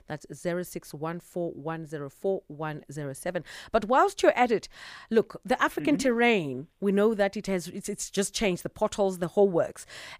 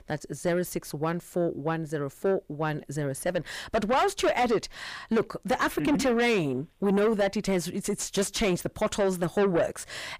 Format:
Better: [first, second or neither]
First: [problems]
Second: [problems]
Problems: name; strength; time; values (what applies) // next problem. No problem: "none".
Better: first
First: none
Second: distortion; heavy; 6 dB below the speech